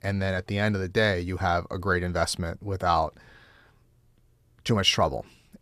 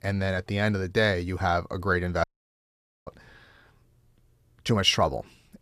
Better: first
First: none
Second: audio cutting out; at 2 s for 1 s

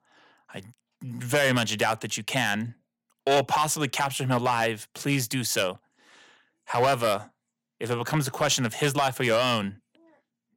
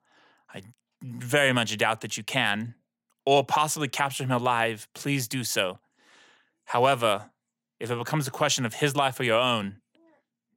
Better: second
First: distortion; slight; 3% of the sound clipped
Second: none

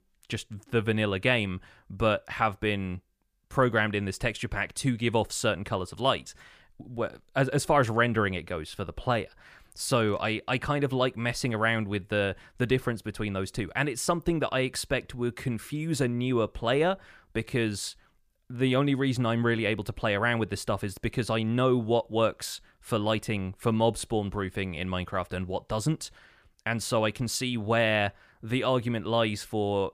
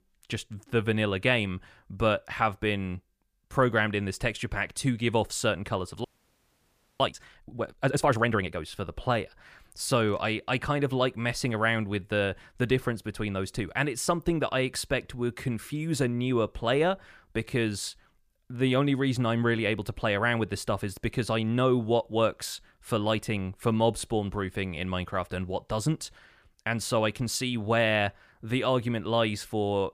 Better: first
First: none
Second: audio freezing; at 6 s for 1 s

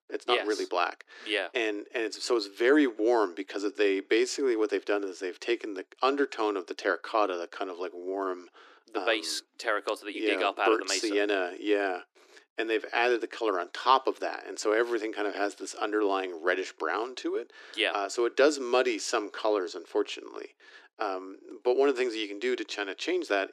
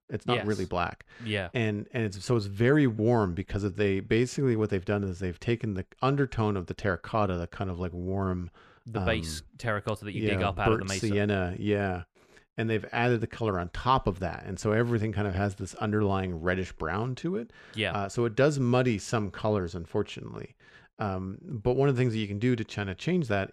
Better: second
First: thin; somewhat; fading below 300 Hz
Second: none

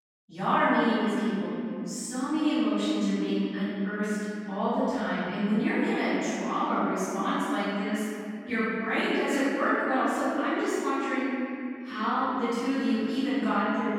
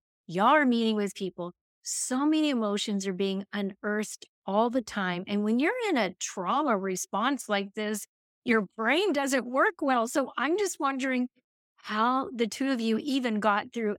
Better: second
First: off-mic speech; far // room echo; strong; dies away in 2.9 s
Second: none

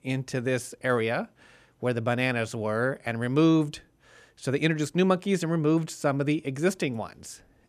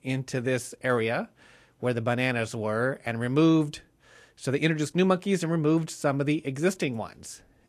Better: first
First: none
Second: garbled, watery; slightly; nothing above 12.5 kHz

